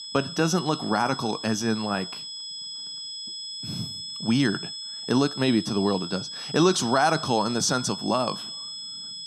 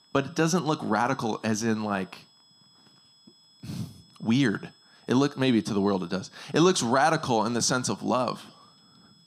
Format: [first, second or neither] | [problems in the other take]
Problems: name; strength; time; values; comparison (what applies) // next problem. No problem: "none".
second | high-pitched whine; loud; throughout; 5 kHz, 8 dB below the speech; faint in the second